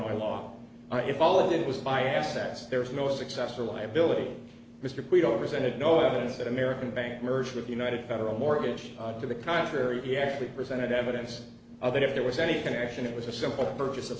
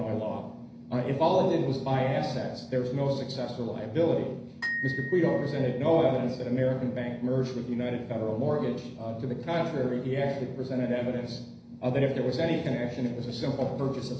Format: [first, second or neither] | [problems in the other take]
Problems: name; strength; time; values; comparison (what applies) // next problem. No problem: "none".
first | background sound (Glockenspiel); 11 dB below the speech // room echo; dies away in 0.5 s